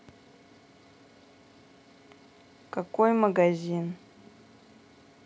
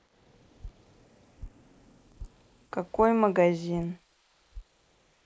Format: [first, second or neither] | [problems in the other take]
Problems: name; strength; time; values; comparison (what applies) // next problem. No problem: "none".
first | noise reduction (neural mask model Resemble Enhance denoiser)